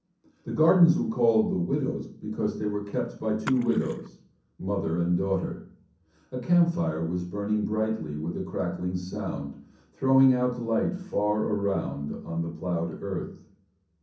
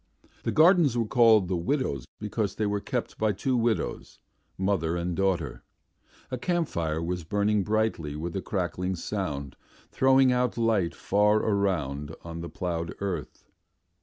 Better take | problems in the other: second | background sound (Splash, splatter); 18 dB below the speech // room echo; dies away in 0.6 s

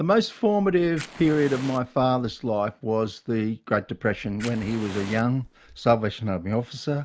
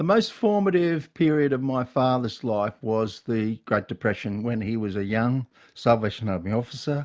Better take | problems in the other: second | background sound (Fire); 18 dB below the speech

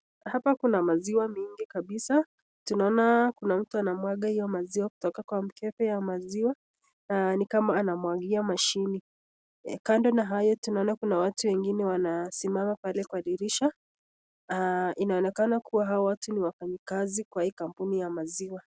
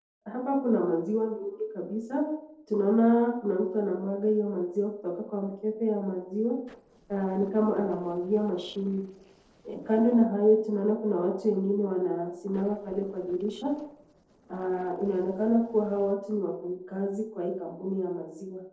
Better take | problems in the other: first | noise reduction (neural separator model SepFormer DNS4)

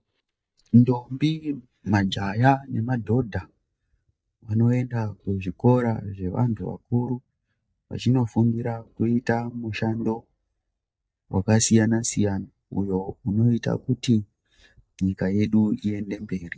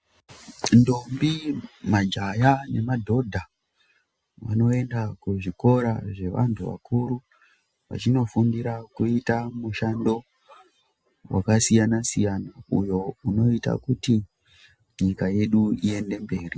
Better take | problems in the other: second | noise reduction (neural mask model DeepFilterNet 3)

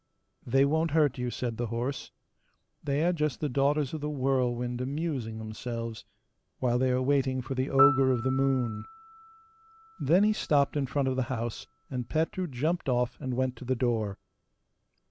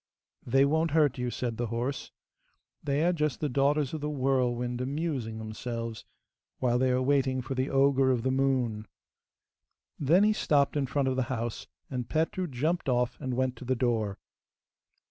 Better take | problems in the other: second | background sound (Piano); 13 dB below the speech

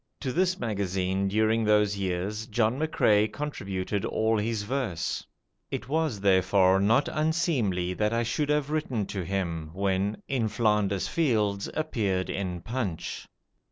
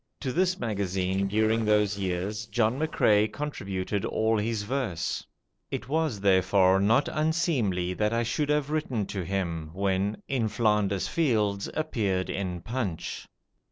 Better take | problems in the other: first | noise reduction (neural separator model SepFormer DNS4)

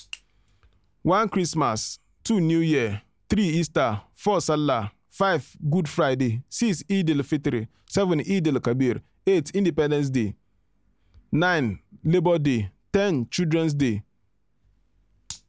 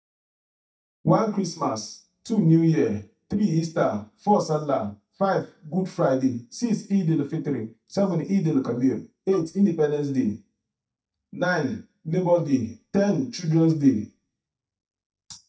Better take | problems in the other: first | noise reduction (neural mask model DeepFilterNet 3)

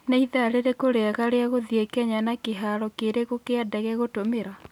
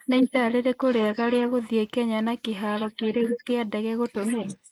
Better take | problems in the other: first | noise reduction (neural mask model Resemble Enhance denoiser)

